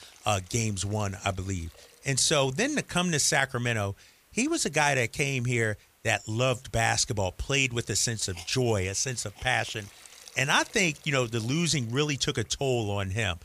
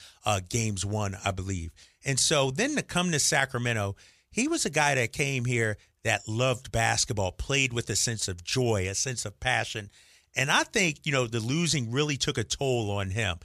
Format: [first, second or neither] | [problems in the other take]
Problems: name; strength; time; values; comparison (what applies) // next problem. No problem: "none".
second | hiss; faint; throughout; 25 dB below the speech